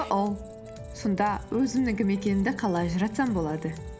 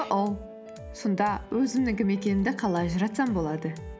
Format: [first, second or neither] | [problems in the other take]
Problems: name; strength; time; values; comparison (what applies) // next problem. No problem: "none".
second | background sound (Squeak); 19 dB below the speech